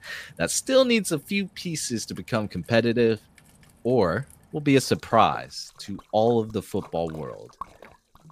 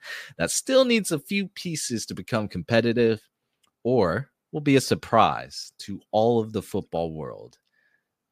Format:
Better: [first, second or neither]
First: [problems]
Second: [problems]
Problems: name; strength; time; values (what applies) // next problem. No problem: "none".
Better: second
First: rain or running water; faint; throughout; 25 dB below the speech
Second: none